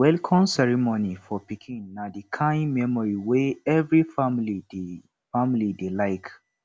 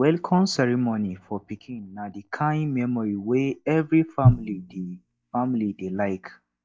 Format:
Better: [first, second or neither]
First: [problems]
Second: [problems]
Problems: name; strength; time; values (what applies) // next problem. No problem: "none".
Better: first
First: none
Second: noise reduction (neural mask model DeepFilterNet 3)